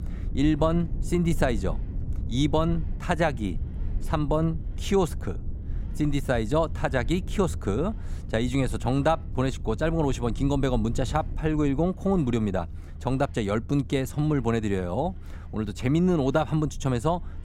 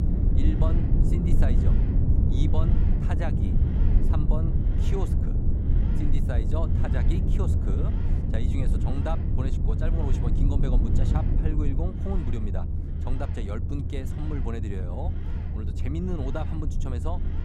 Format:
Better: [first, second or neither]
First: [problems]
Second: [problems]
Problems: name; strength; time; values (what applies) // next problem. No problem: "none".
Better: first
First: low rumble; faint; throughout; 20 dB below the speech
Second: low rumble; loud; throughout; 1 dB below the speech